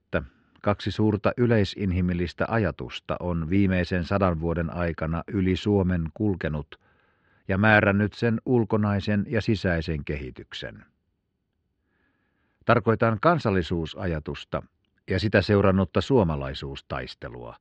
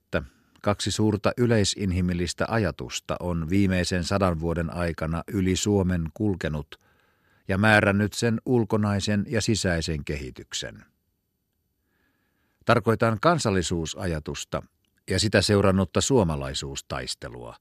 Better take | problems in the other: second | muffled; slightly; fading above 3 kHz

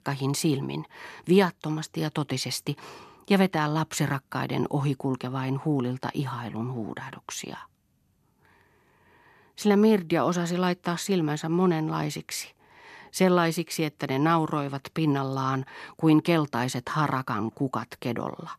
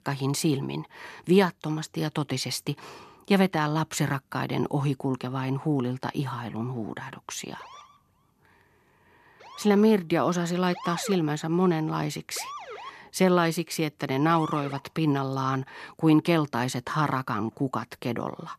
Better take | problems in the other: first | siren; noticeable; from 7.5 to 15 s; peak 9 dB below the speech

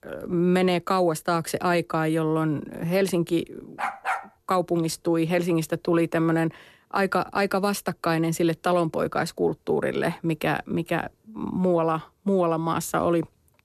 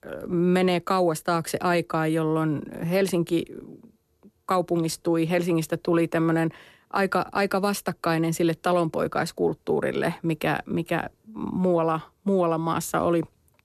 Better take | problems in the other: second | dog barking; noticeable; at 4 s; peak 3 dB below the speech

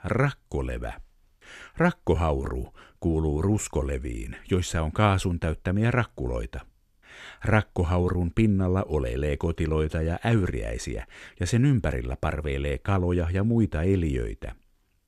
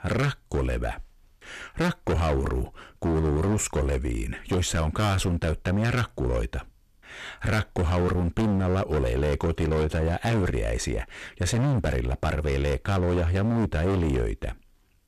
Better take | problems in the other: first | distortion; heavy; 22% of the sound clipped

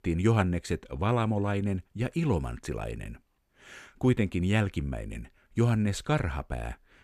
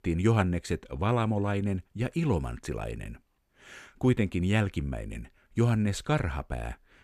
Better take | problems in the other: neither | none

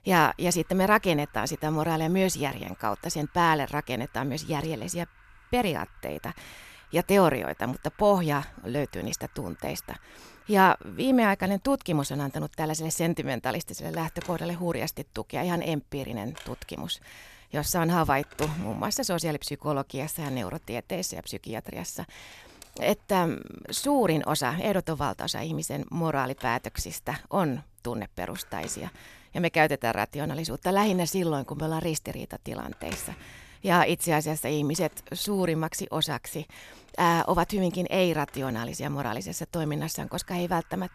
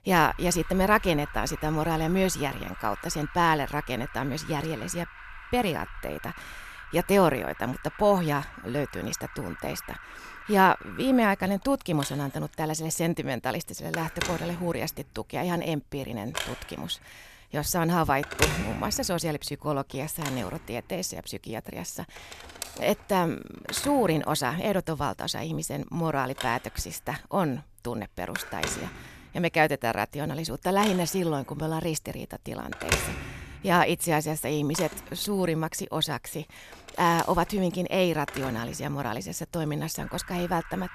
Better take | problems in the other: first | alarms or sirens; loud; throughout; 10 dB below the speech; faint in the first

